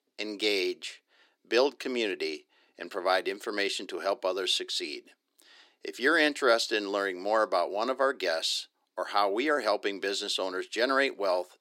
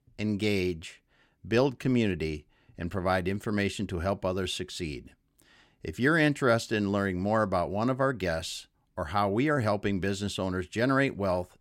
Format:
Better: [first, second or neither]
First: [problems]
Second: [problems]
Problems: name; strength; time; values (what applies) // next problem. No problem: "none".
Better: second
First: thin; somewhat; fading below 350 Hz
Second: none